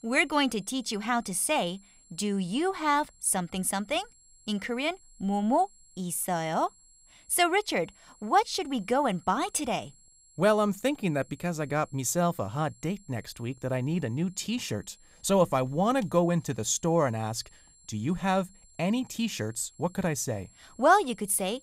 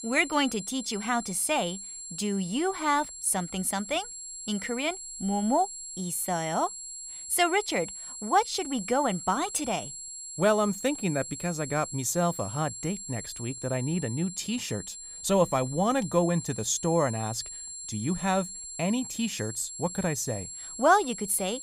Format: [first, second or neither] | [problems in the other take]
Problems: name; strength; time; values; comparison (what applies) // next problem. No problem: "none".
first | high-pitched whine; loud; throughout; 7.5 kHz, 9 dB below the speech; faint in the first